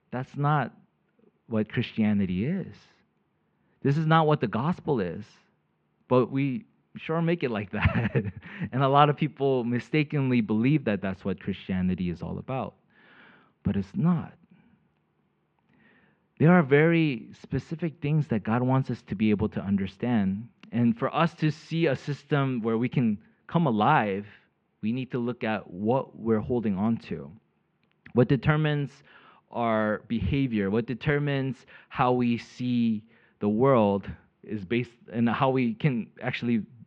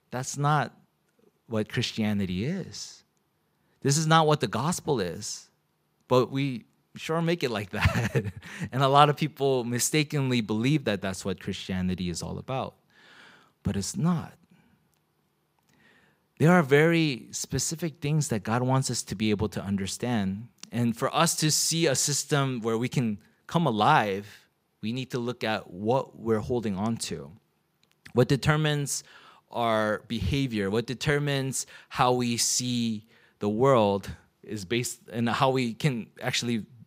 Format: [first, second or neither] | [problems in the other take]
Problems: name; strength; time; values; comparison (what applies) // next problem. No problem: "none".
second | muffled; very; fading above 2.5 kHz